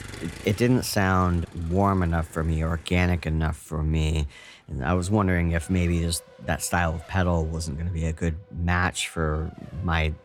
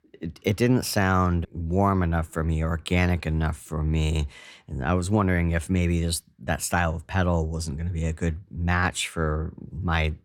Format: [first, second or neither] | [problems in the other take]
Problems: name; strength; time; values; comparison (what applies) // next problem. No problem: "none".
second | traffic noise; faint; throughout; 20 dB below the speech